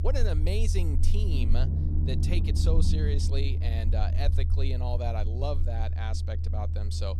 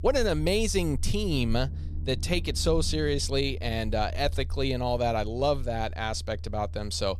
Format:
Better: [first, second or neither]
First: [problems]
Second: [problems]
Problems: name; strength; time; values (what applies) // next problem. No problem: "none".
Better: second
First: low rumble; loud; throughout; 6 dB below the speech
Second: low rumble; faint; throughout; 25 dB below the speech